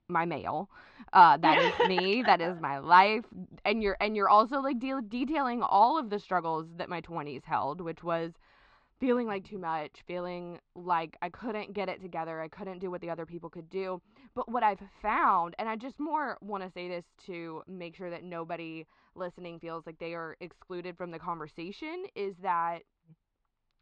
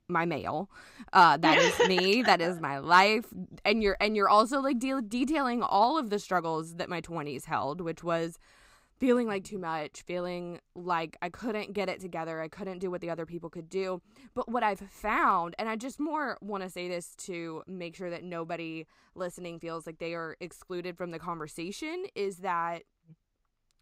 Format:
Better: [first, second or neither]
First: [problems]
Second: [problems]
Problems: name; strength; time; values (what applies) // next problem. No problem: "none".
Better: second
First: muffled; slightly; fading above 4 kHz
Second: none